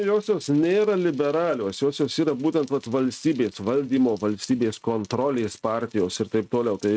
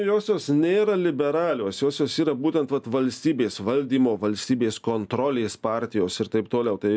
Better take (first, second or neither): second